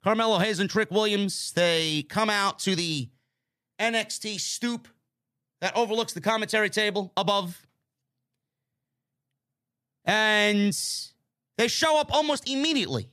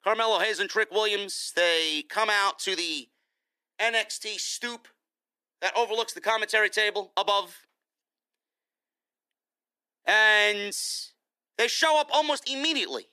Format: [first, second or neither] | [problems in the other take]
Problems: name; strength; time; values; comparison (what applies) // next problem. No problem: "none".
first | thin; very; fading below 300 Hz